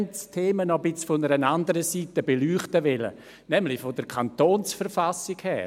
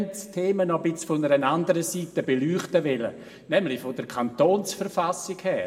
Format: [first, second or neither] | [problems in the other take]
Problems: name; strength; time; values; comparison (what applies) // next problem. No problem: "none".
first | room echo; dies away in 1 s